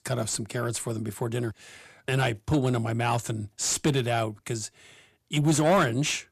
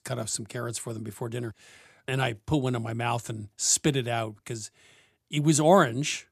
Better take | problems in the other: second | distortion; heavy; 8 dB below the speech

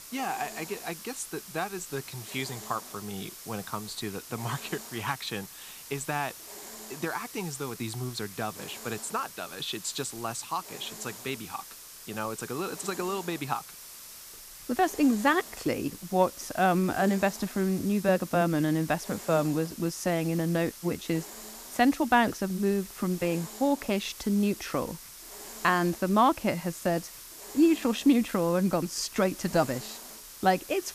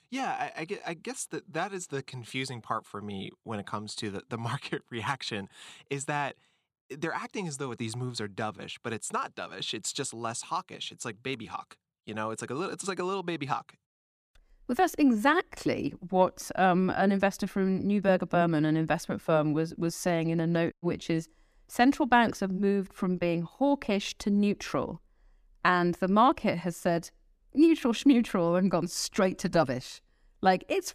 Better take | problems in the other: second | hiss; noticeable; throughout; 15 dB below the speech

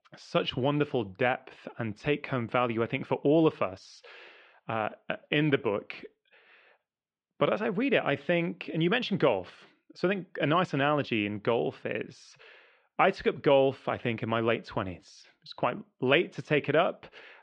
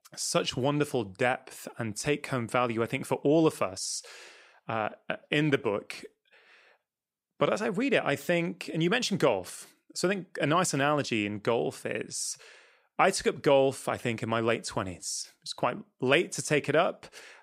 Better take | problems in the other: second | muffled; very; fading above 3.5 kHz

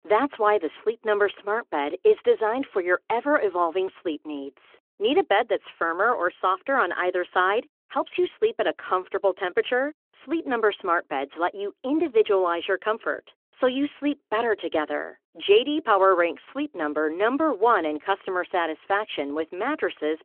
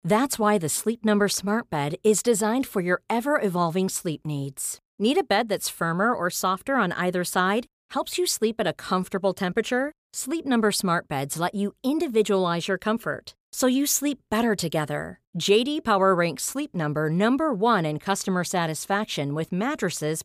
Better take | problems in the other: second | phone-call audio

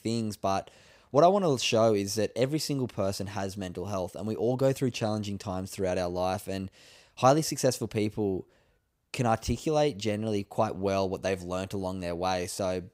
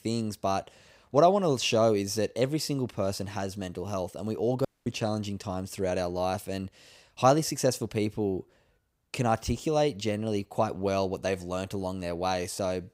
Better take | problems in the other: first | audio cutting out; at 4.5 s

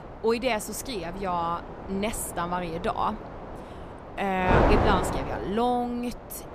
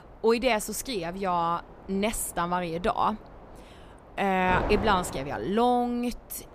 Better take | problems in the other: second | wind noise on the microphone; heavy; 3 dB below the speech; occasional gusts in the second

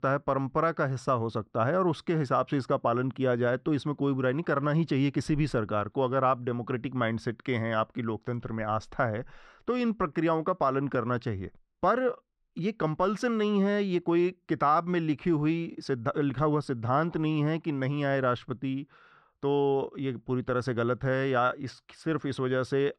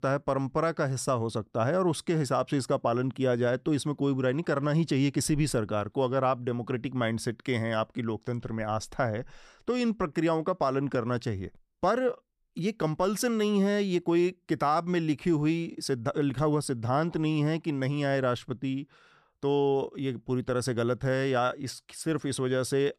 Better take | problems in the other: second | muffled; slightly; fading above 3.5 kHz

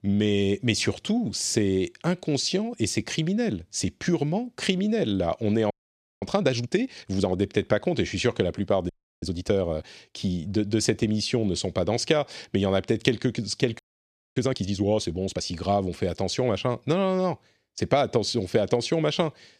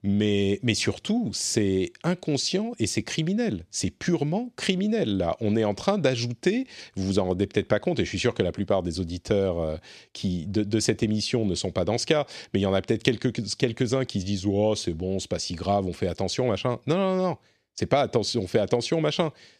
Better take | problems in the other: second | audio freezing; at 5.5 s for 0.5 s, at 9 s and at 14 s for 0.5 s

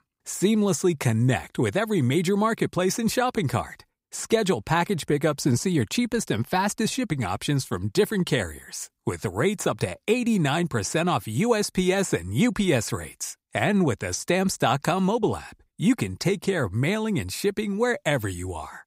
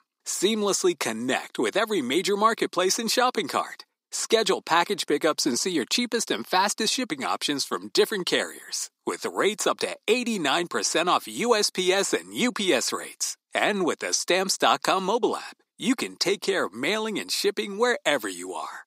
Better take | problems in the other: first | thin; somewhat; fading below 250 Hz

